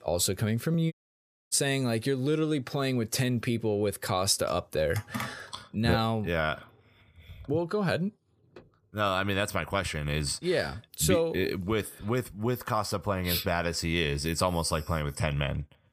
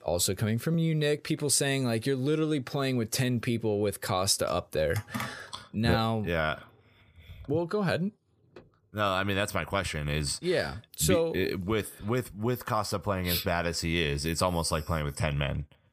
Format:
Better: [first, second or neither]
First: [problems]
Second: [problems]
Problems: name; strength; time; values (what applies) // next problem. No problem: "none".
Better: second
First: audio cutting out; at 1 s for 0.5 s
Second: none